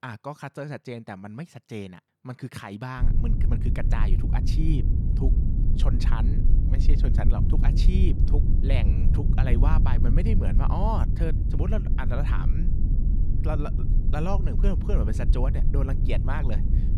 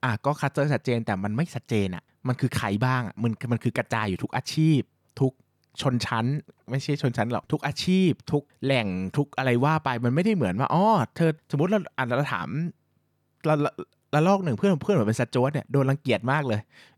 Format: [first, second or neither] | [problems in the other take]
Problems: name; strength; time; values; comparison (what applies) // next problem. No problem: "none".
second | low rumble; loud; from 3 s on; 4 dB below the speech